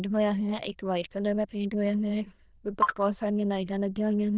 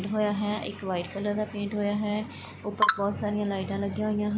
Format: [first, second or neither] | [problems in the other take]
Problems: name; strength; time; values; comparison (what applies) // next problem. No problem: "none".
second | noise reduction (neural diffusion model UNIVERSE++)